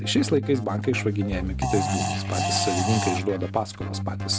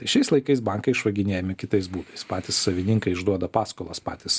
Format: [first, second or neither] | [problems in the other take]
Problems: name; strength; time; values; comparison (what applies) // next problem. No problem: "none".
second | background sound (Keyboard (musical) + Fart); 2 dB below the speech